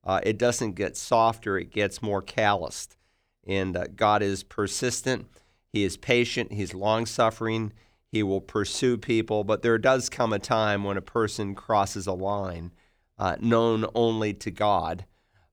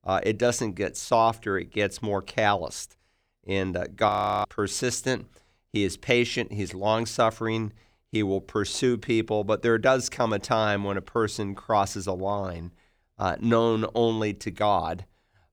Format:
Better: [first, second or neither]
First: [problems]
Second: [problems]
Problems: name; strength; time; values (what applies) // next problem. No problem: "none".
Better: first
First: none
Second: audio freezing; at 4 s